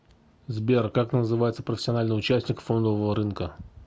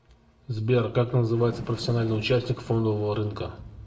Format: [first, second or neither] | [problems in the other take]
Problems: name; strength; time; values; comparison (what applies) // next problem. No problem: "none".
first | background sound (Bird); 19 dB below the speech // room echo; dies away in 0.6 s